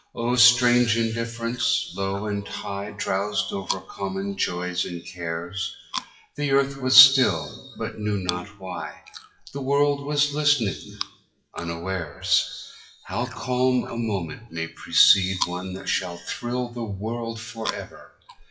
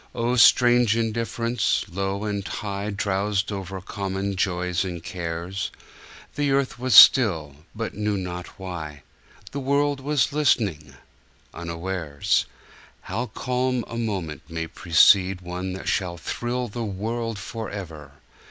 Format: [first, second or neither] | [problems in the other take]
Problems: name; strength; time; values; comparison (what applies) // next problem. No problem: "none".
second | noise reduction (classical method WPE with log-MMSE)